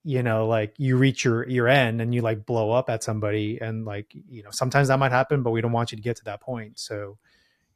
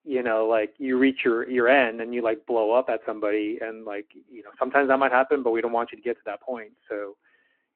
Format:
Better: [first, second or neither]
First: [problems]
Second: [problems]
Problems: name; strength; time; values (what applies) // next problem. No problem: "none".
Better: first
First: none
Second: phone-call audio